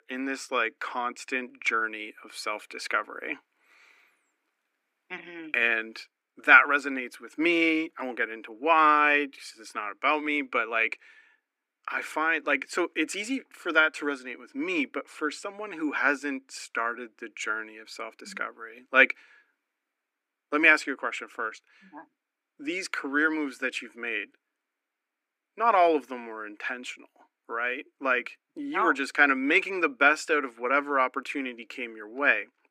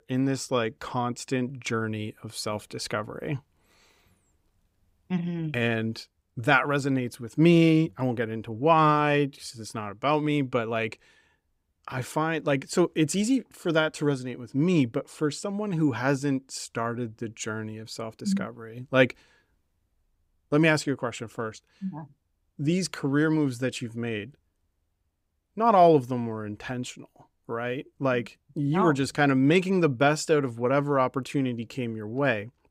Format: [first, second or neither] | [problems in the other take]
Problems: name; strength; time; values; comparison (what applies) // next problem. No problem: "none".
second | thin; somewhat; fading below 300 Hz